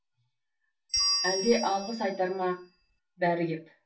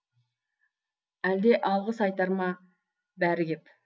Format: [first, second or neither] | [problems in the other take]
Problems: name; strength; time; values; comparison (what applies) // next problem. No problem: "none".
second | background sound (Bell); 2 dB below the speech // room echo; dies away in 0.2 s